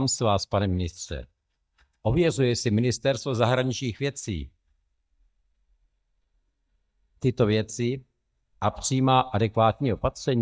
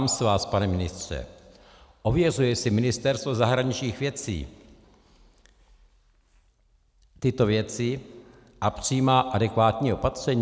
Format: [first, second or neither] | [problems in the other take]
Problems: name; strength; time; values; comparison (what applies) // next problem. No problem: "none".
second | noise reduction (neural mask model DeepFilterNet 3)